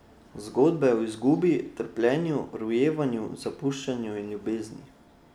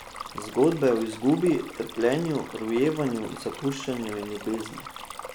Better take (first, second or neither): first